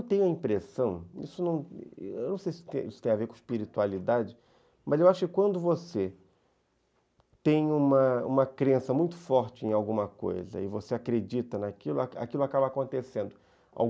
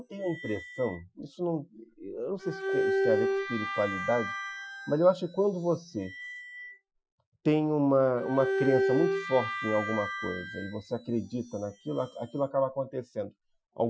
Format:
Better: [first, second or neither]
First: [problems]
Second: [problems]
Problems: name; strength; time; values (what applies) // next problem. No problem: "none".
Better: first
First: none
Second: noise reduction (classical method Wiener filter)